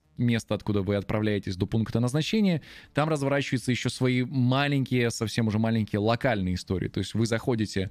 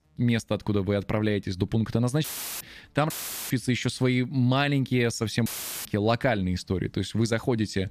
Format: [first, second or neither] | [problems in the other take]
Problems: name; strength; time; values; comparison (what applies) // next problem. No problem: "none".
first | audio cutting out; filled with static; at 2 s, at 3 s and at 5.5 s